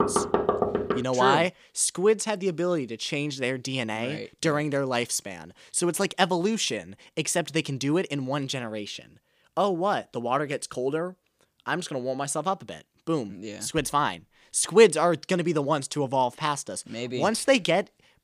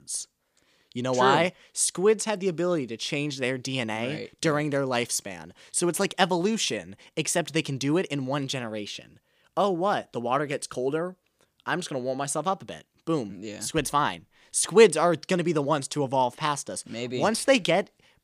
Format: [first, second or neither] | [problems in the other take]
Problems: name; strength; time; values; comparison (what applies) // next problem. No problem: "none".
second | door banging; loud; until 1 s; peak 1 dB above the speech